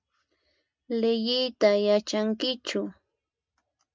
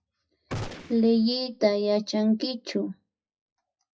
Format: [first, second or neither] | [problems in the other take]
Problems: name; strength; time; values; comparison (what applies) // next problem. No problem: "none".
first | noise reduction (classical method WPE with log-MMSE)